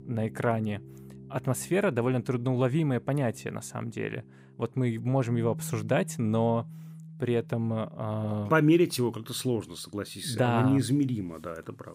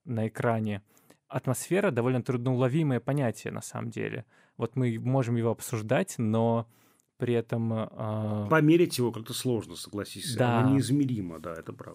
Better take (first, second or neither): second